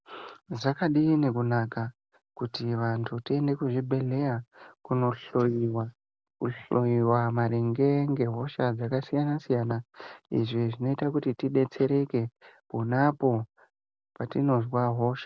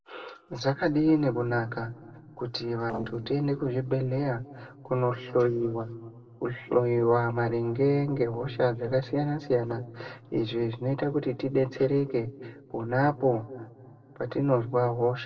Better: first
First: none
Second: noise reduction (neural separator model SepFormer DNS4)

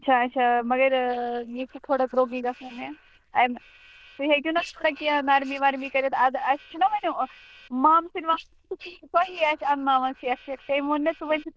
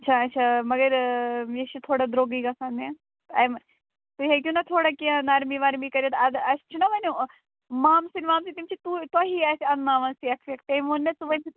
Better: second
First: noise reduction (neural diffusion model UNIVERSE++)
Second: none

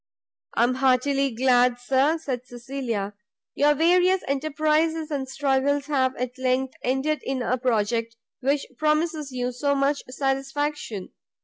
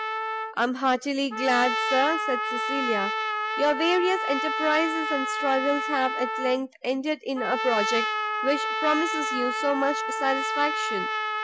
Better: first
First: none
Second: background sound (Trumpet); 1 dB below the speech

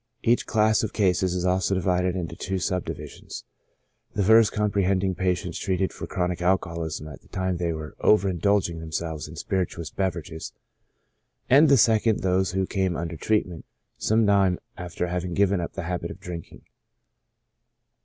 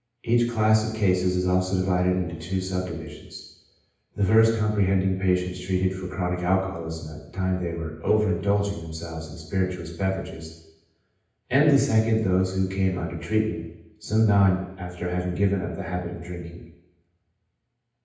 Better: first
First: none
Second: room echo; dies away in 0.9 s

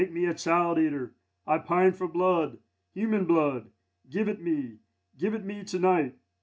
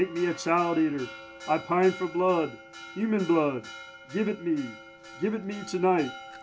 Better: first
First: none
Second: background sound (Church bell); 16 dB below the speech

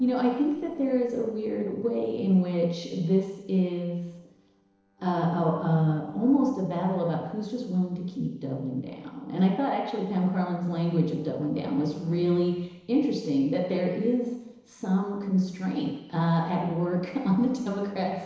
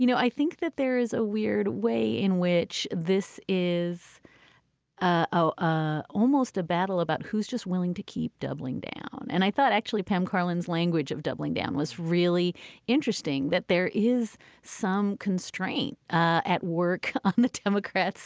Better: second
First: noise reduction (neural separator model SepFormer DNS4)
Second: none

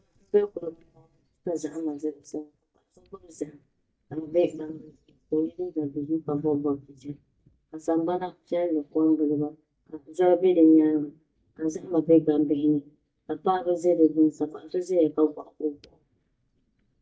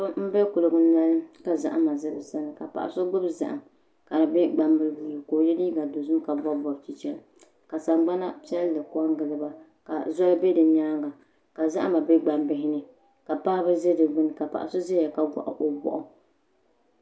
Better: second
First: noise reduction (neural mask model DeepFilterNet 3)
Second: none

